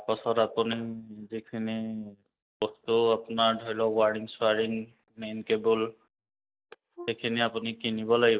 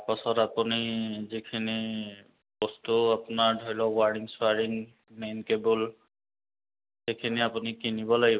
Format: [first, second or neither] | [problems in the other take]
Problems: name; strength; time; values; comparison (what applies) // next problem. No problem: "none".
second | noise reduction (neural mask model DeepFilterNet 3)